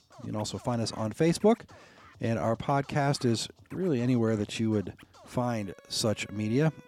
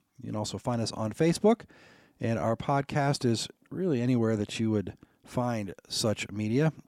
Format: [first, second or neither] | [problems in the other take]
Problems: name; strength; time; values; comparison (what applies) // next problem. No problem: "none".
second | background music; faint; throughout; 25 dB below the speech